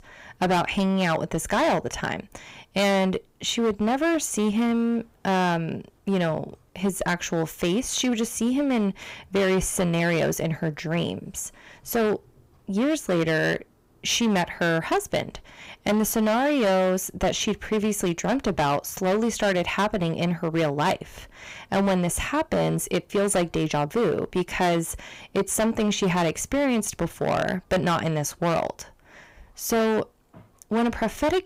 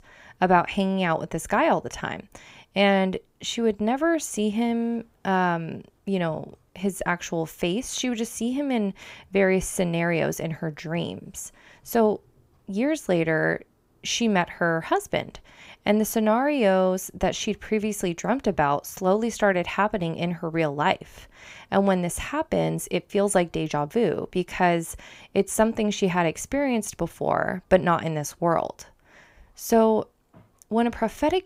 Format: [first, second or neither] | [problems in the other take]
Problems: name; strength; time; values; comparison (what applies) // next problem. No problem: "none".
second | distortion; heavy; 12% of the sound clipped